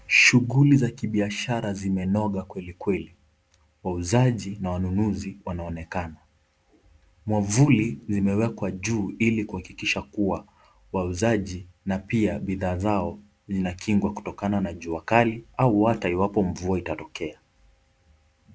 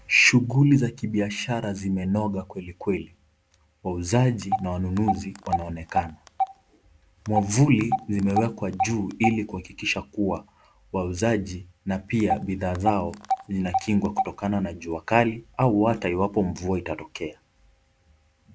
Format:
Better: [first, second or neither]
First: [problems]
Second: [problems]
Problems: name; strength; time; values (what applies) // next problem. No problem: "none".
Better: first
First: none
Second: background sound (Telephone); 5 dB below the speech